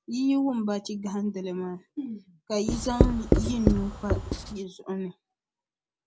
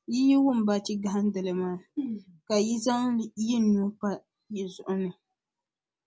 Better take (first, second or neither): second